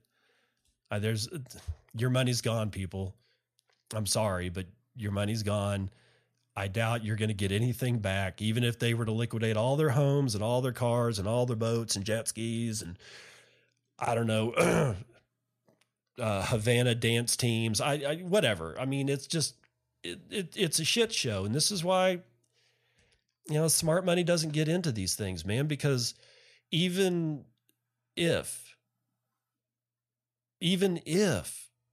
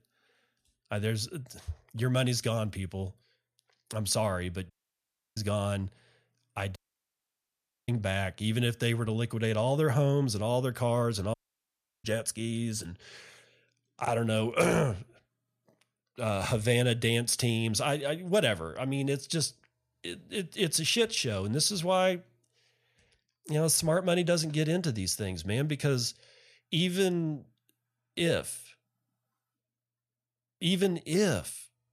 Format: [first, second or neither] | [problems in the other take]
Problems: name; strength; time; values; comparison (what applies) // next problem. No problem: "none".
first | audio cutting out; at 4.5 s for 0.5 s, at 7 s for 1 s and at 11 s for 0.5 s